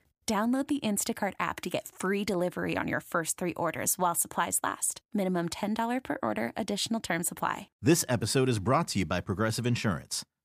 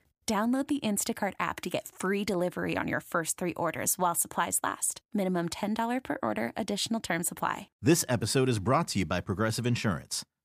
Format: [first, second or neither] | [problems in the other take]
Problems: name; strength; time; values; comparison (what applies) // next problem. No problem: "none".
neither | none